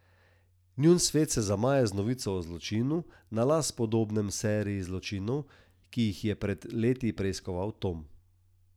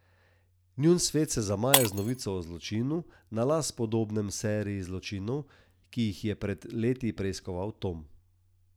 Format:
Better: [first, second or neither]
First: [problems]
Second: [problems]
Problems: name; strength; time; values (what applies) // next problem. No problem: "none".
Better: first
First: none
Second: background sound (Shatter); 4 dB below the speech